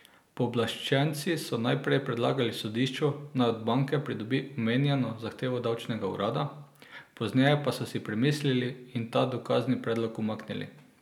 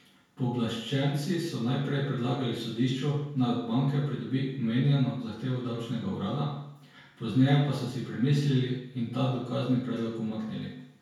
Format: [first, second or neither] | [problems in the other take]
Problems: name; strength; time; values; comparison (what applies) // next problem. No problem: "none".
first | room echo; dies away in 0.6 s